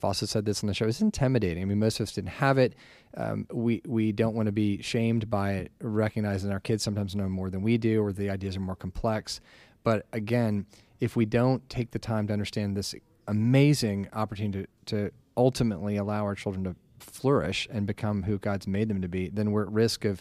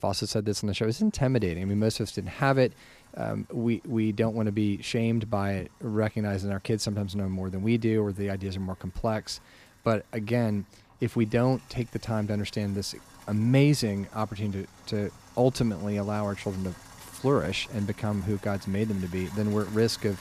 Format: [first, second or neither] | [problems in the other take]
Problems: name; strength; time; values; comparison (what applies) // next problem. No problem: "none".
first | household noises; faint; throughout; 25 dB below the speech